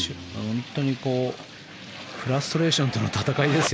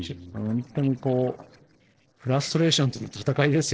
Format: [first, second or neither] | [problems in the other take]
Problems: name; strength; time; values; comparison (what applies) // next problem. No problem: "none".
first | noise reduction (neural separator model SepFormer DNS4)